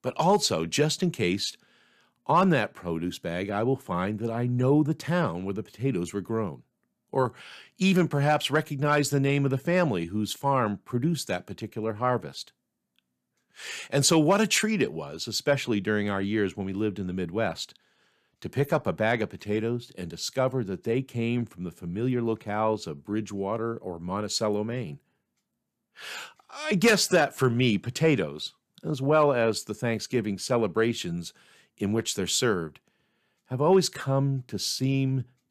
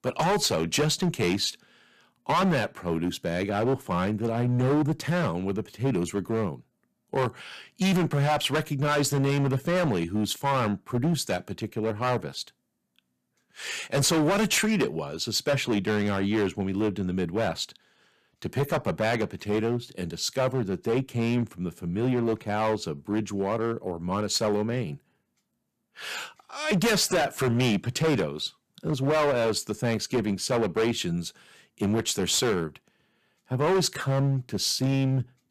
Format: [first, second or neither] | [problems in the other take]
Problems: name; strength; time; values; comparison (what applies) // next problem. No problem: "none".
first | distortion; heavy; 11% of the sound clipped